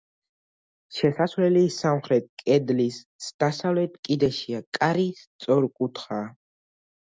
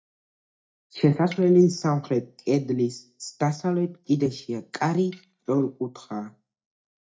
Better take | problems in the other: first | noise reduction (neural mask model DeepFilterNet 3)

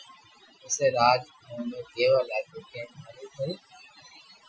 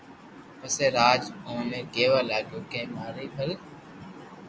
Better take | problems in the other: second | noise reduction (classical method Wiener filter)

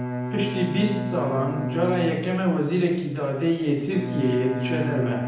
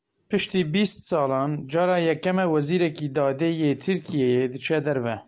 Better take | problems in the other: second | background sound (Bowed string instrument); 5 dB below the speech // room echo; dies away in 0.9 s

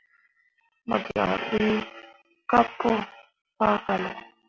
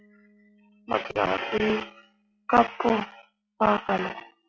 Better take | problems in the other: first | noise reduction (classical method log-MMSE)

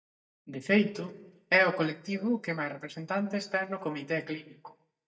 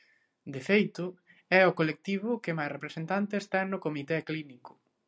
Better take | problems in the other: second | noise reduction (neural mask model DeepFilterNet 3)

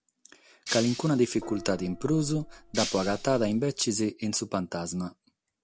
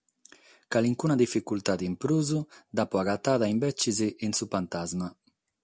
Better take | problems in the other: second | background sound (Gong + Shatter); 10 dB below the speech

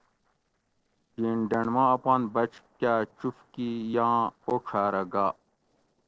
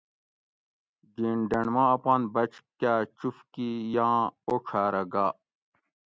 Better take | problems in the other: second | noise reduction (neural separator model SepFormer DNS4)

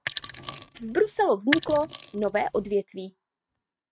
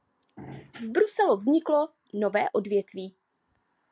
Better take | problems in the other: second | noise reduction (neural mask model RNNoise)

